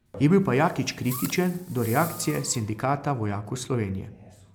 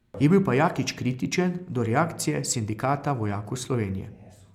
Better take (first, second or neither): second